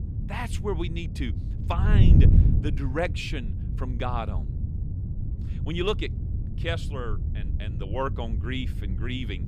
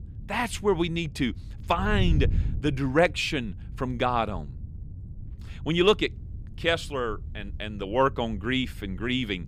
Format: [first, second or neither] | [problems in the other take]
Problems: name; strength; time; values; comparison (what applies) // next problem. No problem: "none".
second | wind noise on the microphone; heavy; 7 dB below the speech; occasional gusts in the second